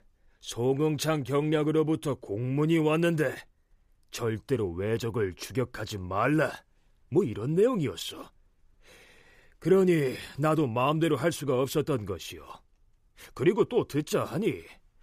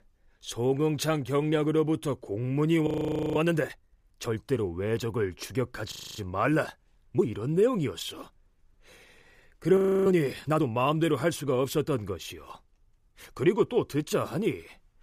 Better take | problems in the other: first | audio freezing; at 3 s, at 6 s and at 10 s

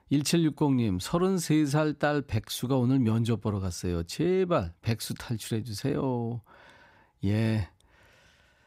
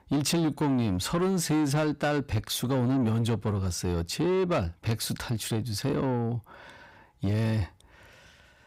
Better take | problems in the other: first | distortion; slight; 10 dB below the speech

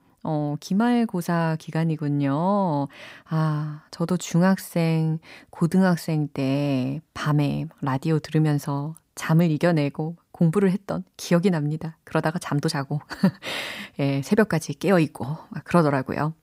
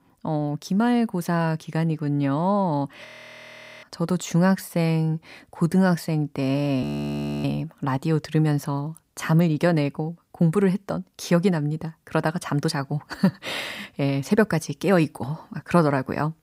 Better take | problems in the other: first | audio freezing; at 3 s for 1 s and at 7 s for 0.5 s

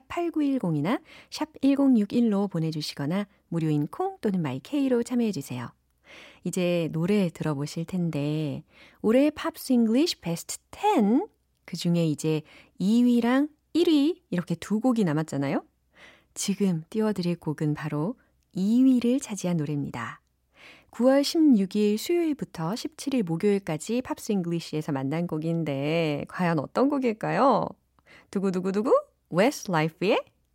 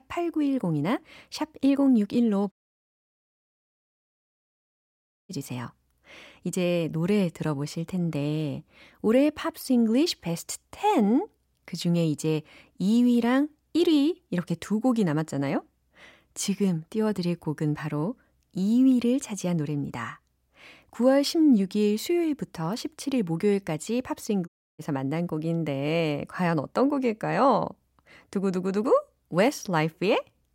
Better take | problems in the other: first | audio cutting out; at 2.5 s for 3 s and at 24 s

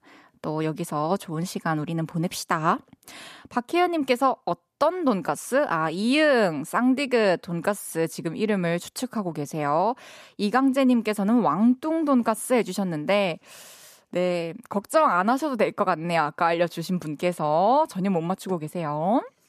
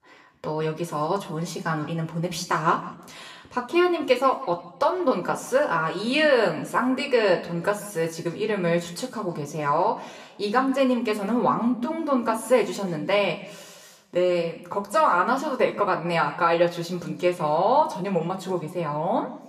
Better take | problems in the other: first | room echo; slight; dies away in 0.8 s // off-mic speech; somewhat distant

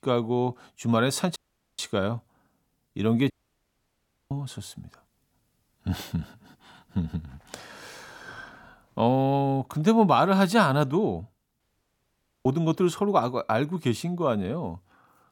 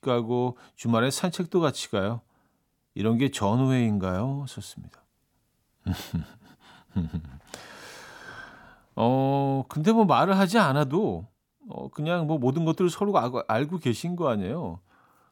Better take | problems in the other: second | audio cutting out; at 1.5 s, at 3.5 s for 1 s and at 12 s for 1 s

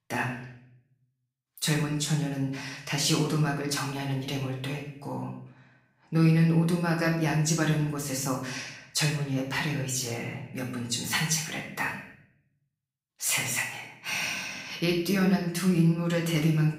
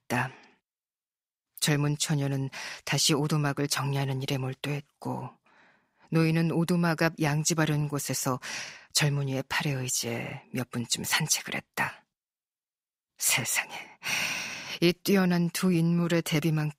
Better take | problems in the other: second | room echo; noticeable; dies away in 0.6 s // off-mic speech; far

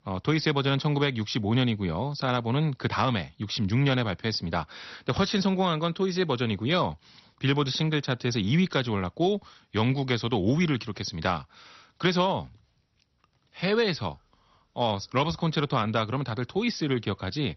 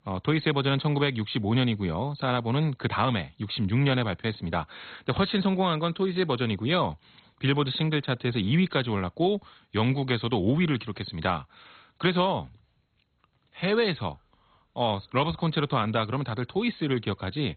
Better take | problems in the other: first | garbled, watery; badly; nothing above 4 kHz; slightly in the first

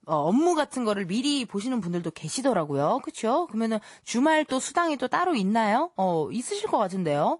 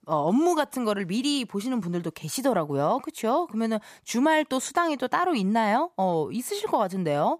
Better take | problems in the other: second | garbled, watery; slightly; nothing above 11 kHz

